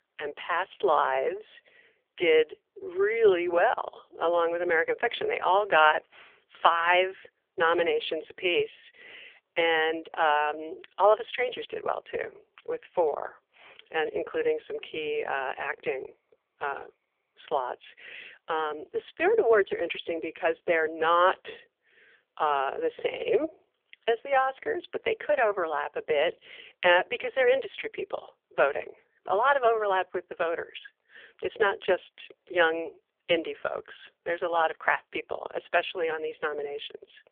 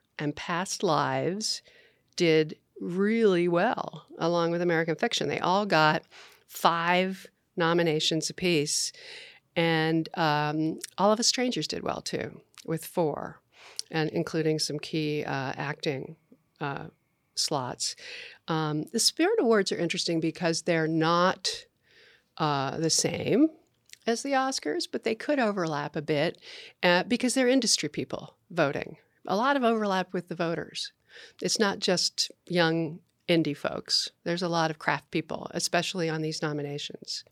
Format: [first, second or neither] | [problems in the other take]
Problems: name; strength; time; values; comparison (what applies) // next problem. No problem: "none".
second | phone-call audio; poor line; nothing above 3.5 kHz